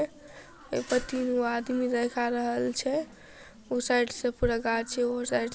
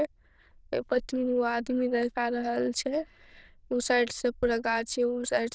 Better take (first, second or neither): first